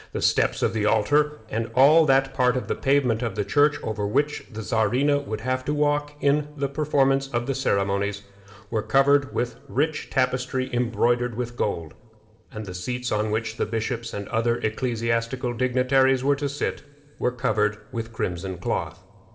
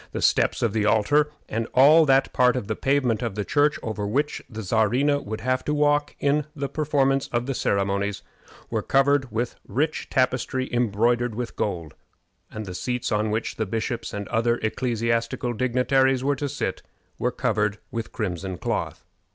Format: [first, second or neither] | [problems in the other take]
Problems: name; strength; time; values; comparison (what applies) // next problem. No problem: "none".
second | room echo; dies away in 2.2 s